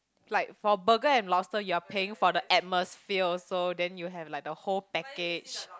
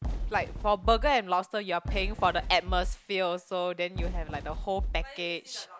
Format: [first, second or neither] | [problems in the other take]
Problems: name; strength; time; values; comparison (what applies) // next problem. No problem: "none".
first | background sound (Fireworks); 4 dB below the speech